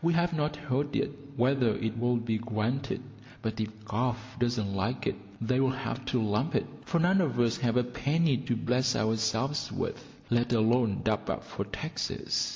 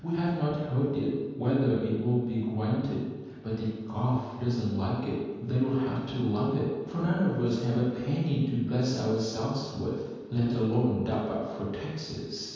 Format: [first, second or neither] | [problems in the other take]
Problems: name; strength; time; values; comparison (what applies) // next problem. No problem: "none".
first | room echo; dies away in 1.2 s